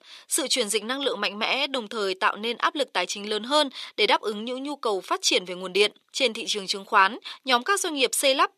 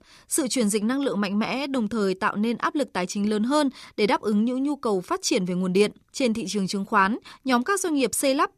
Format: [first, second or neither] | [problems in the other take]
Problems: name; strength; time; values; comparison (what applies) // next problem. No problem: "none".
second | thin; somewhat; fading below 500 Hz